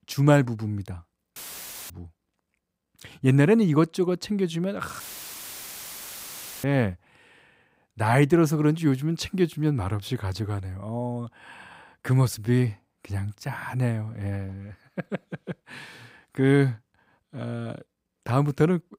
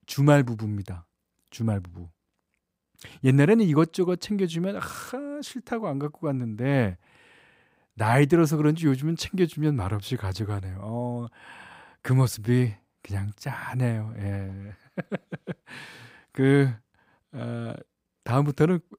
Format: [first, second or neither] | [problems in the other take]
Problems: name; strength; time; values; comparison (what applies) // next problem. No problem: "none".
second | audio cutting out; filled with static; at 1.5 s for 0.5 s and at 5 s for 1.5 s